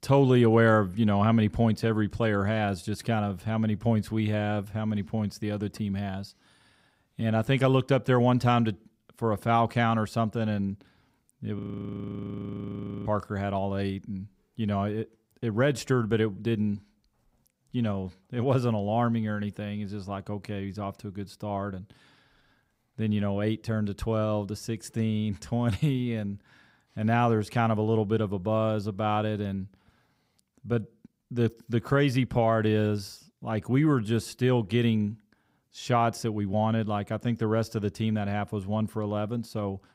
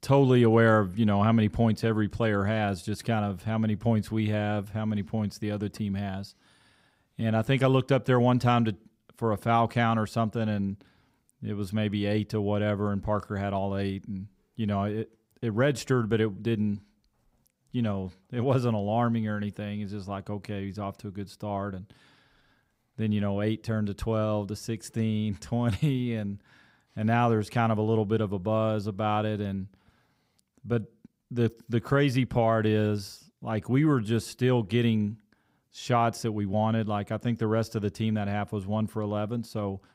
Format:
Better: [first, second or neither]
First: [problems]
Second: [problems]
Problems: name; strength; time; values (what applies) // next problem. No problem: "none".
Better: second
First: audio freezing; at 12 s for 1.5 s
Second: none